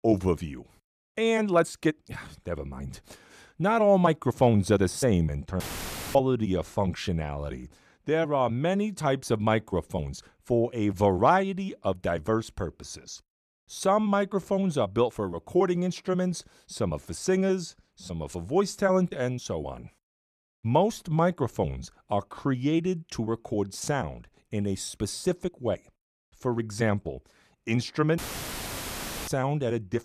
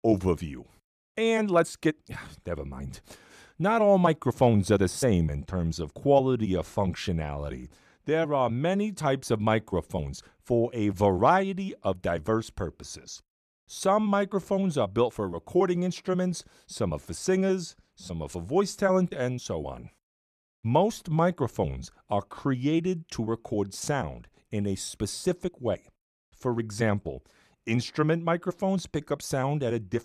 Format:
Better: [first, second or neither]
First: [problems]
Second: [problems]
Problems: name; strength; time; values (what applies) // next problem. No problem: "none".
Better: second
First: audio cutting out; filled with static; at 5.5 s for 0.5 s and at 28 s for 1 s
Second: none